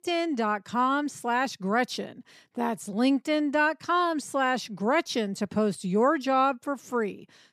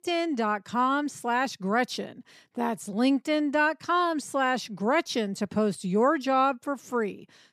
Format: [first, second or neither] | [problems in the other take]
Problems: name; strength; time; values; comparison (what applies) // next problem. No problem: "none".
neither | none